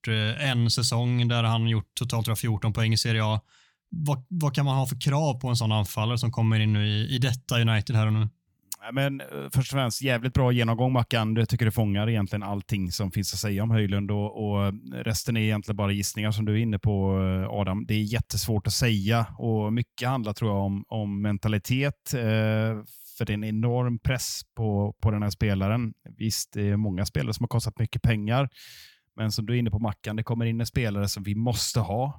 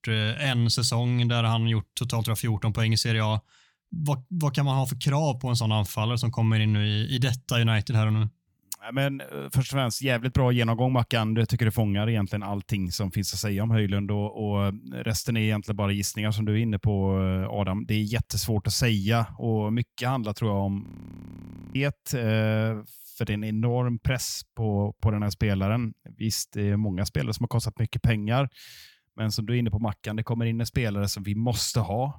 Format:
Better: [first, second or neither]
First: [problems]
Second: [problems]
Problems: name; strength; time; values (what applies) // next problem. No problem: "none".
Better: first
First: none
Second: audio freezing; at 21 s for 1 s